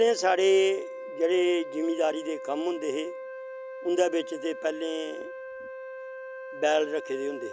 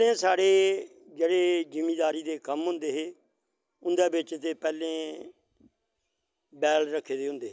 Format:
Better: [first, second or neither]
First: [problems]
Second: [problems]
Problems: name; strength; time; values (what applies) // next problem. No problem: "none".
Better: second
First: background sound (Wind instrument, woodwind instrument); 11 dB below the speech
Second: none